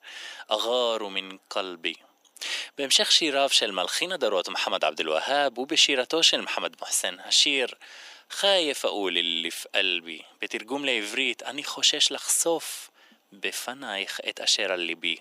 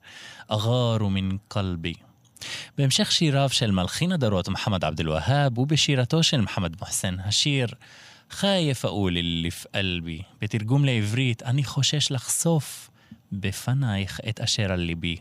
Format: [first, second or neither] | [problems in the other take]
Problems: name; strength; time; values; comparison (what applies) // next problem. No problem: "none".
second | thin; very; fading below 350 Hz